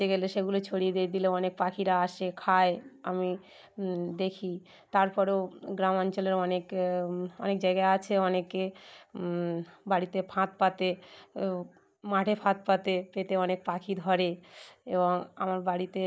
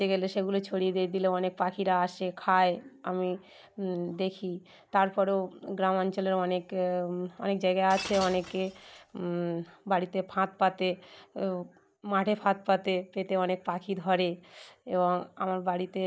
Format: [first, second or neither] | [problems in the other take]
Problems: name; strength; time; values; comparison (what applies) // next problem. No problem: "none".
first | background sound (Shatter); 13 dB below the speech